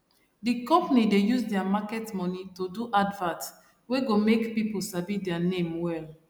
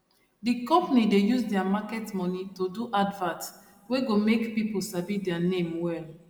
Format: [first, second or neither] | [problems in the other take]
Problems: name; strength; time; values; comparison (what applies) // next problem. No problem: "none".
first | room echo; dies away in 1.8 s